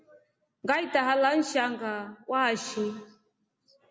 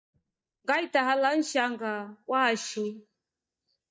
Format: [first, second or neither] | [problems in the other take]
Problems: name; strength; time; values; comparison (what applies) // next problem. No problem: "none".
first | noise reduction (neural mask model DeepFilterNet 3)